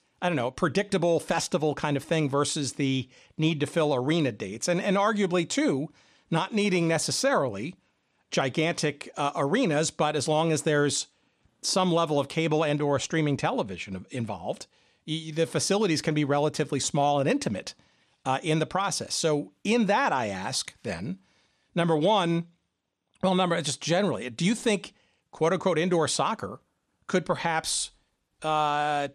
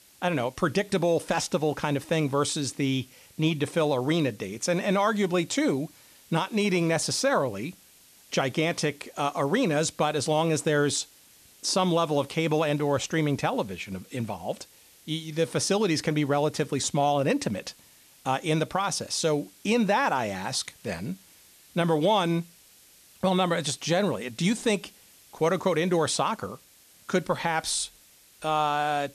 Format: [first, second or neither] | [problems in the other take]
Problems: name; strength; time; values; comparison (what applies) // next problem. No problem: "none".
first | hiss; faint; throughout; 25 dB below the speech